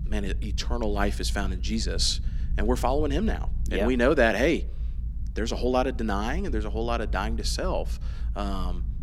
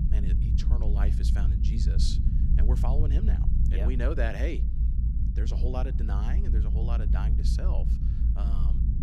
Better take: first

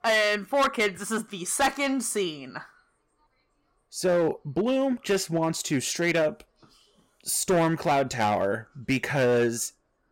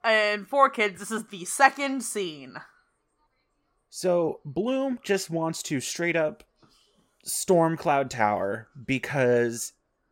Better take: second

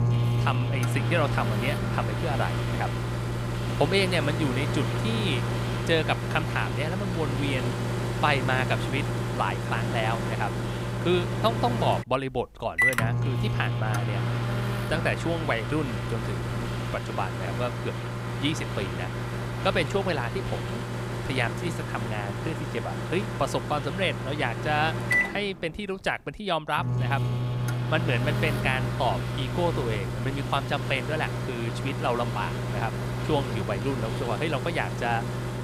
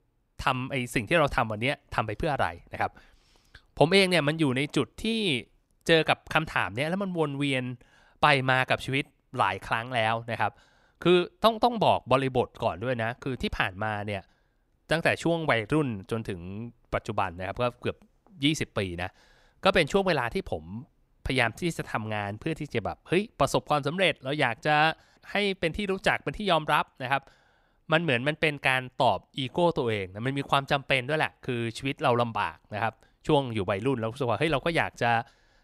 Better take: second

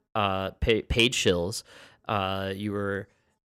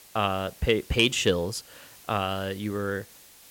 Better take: first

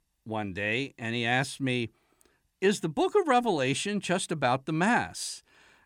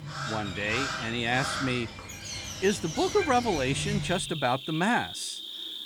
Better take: first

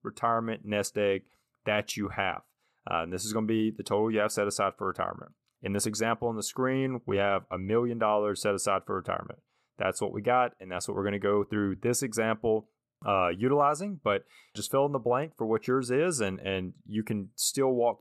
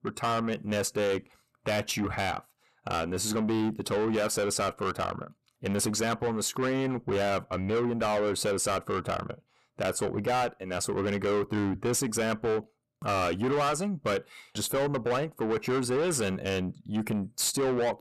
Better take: first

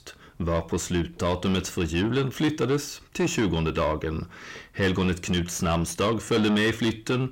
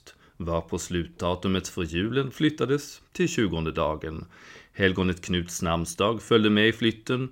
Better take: second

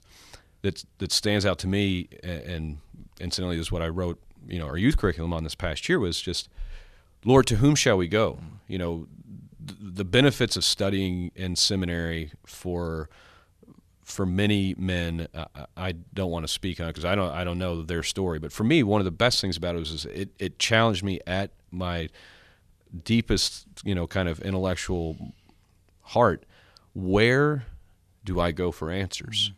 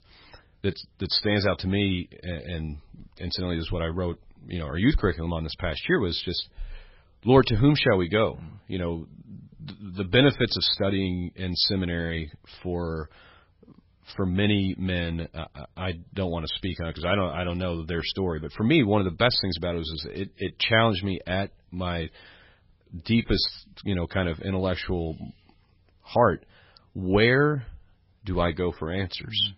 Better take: first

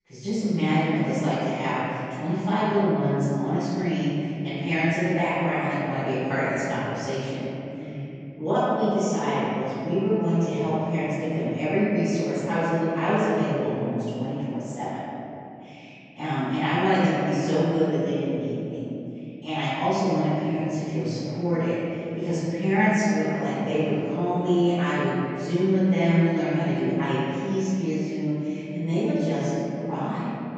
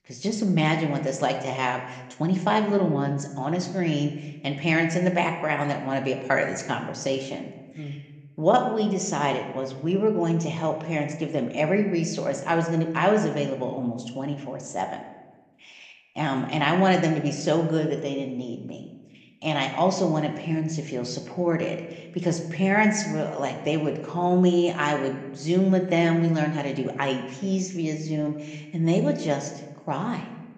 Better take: second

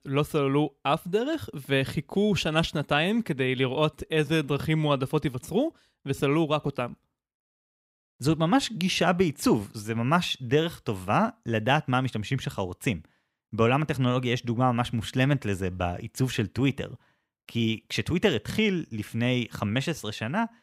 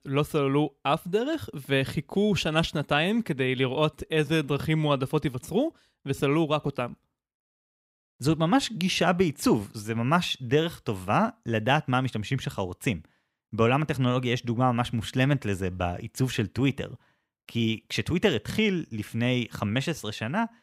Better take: neither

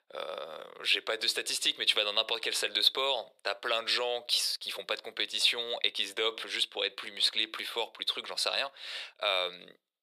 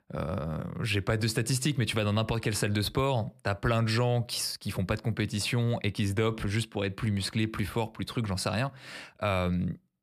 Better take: second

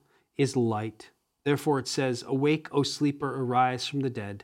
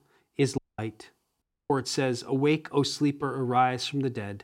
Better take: first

